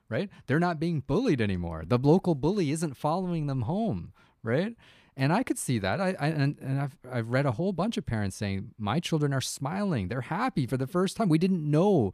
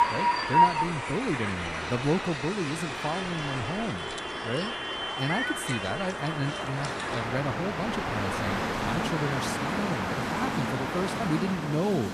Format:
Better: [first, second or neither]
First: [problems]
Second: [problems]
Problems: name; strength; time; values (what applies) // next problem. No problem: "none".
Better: first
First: none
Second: train or aircraft noise; very loud; throughout; 2 dB above the speech